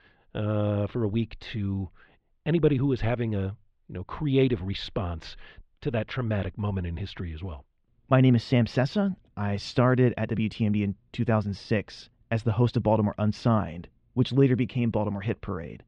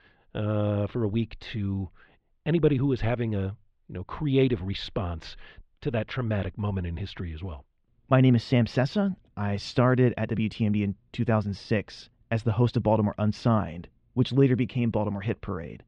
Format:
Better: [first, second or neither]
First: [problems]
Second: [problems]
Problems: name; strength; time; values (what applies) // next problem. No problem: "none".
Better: neither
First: muffled; slightly; fading above 3.5 kHz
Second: muffled; slightly; fading above 3.5 kHz